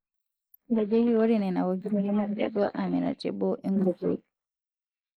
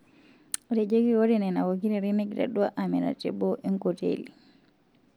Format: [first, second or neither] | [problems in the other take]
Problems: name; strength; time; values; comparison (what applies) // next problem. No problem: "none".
second | noise reduction (neural mask model Resemble Enhance denoiser)